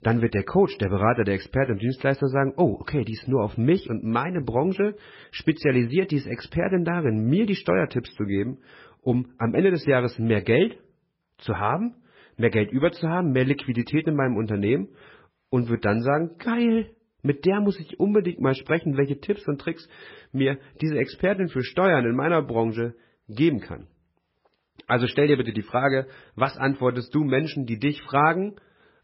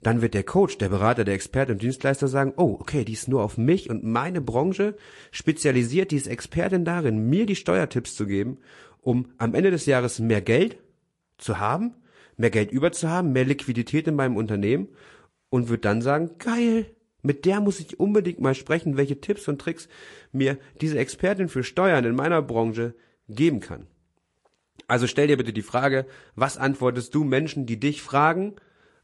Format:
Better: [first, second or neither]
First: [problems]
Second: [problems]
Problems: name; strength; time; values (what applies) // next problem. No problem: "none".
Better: second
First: garbled, watery; badly; nothing above 5.5 kHz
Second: garbled, watery; slightly; nothing above 11 kHz